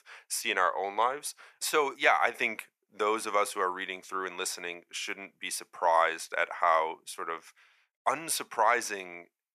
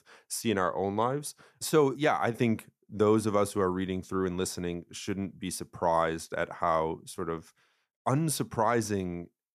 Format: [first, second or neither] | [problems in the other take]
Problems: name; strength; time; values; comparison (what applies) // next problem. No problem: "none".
second | thin; very; fading below 750 Hz